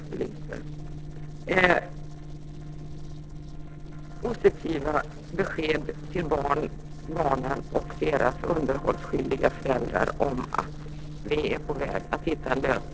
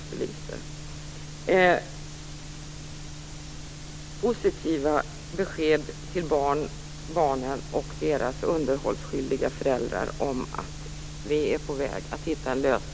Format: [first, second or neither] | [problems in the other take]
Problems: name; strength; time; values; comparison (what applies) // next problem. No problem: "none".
second | noise reduction (neural separator model SepFormer DNS4)